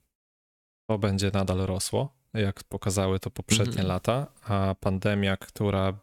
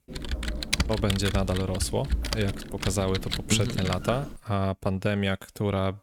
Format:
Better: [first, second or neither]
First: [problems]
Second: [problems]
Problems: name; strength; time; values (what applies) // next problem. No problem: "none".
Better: first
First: none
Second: keyboard typing; loud; until 4.5 s; peak 1 dB above the speech